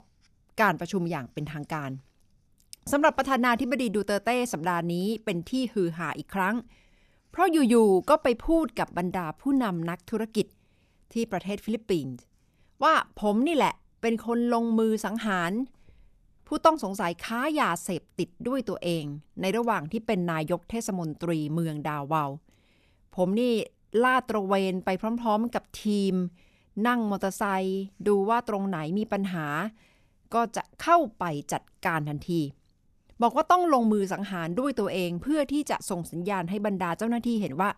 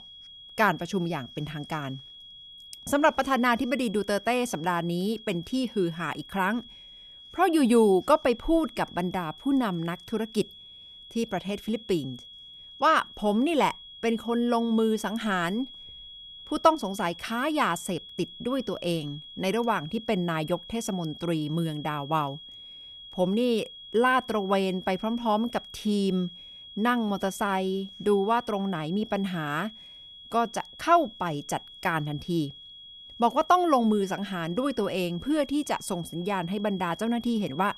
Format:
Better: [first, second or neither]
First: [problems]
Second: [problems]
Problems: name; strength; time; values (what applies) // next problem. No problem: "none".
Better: first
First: none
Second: high-pitched whine; noticeable; throughout; 3.5 kHz, 15 dB below the speech